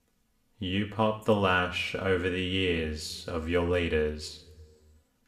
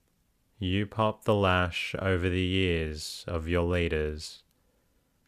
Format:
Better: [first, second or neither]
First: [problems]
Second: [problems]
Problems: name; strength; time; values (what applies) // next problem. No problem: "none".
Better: second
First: room echo; very slight; dies away in 0.9 s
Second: none